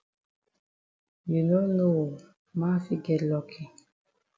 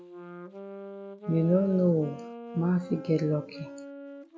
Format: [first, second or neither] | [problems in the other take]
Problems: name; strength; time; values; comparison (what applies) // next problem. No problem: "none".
first | background sound (Wind instrument, woodwind instrument); 14 dB below the speech